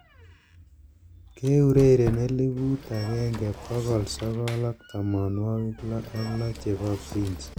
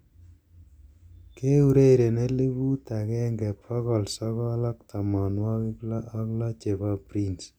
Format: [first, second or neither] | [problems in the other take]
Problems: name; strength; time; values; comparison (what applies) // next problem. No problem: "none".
second | background sound (Squeak + Zipper (clothing) / Telephone); 14 dB below the speech